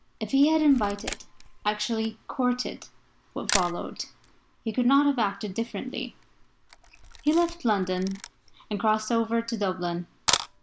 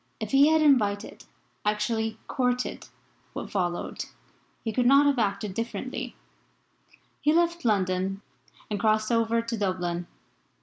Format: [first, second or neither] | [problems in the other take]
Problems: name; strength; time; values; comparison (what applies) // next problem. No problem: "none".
second | background sound (Camera); 10 dB below the speech